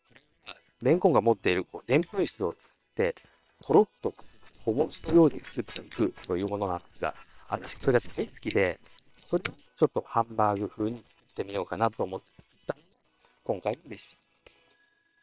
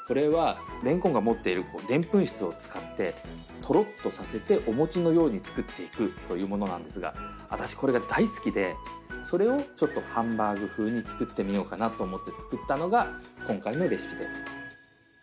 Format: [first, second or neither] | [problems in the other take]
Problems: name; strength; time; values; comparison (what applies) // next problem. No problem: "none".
second | noise reduction (neural separator model SepFormer WHAM!)